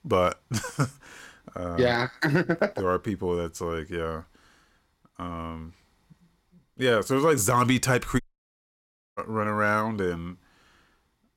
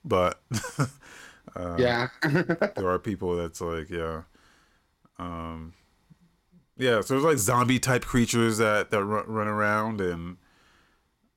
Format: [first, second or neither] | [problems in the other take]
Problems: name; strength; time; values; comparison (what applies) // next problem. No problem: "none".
second | audio cutting out; at 8 s for 1 s